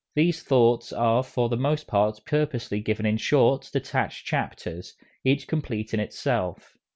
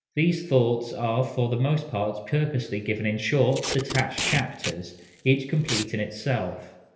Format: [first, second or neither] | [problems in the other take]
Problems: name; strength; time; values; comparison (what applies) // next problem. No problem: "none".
first | background sound (Packing tape, duct tape); 8 dB below the speech // room echo; dies away in 1.4 s